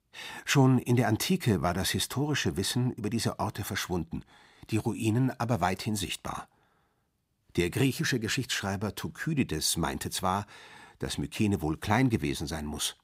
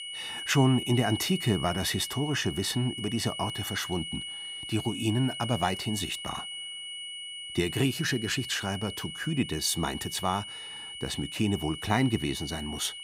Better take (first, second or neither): first